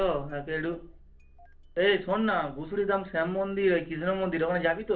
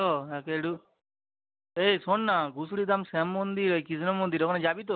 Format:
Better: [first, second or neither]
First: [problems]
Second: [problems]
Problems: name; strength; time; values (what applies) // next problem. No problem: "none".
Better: second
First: background sound (Engine starting); 19 dB below the speech // room echo; dies away in 0.3 s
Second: none